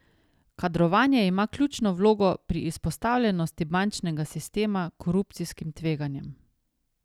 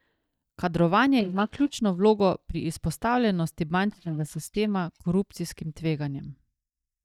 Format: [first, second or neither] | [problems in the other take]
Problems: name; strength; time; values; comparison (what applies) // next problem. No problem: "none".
first | noise reduction (neural mask model DeepFilterNet 3)